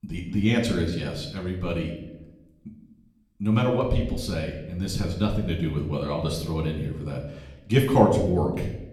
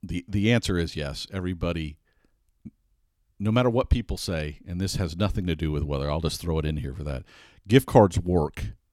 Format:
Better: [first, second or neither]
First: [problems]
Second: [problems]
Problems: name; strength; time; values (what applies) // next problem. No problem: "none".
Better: second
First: room echo; slight; dies away in 0.8 s // off-mic speech; far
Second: none